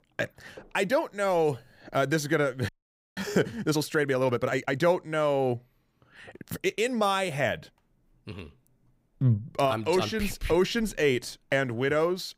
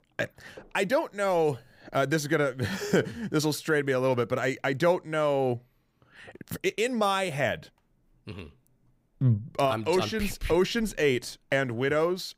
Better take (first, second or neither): second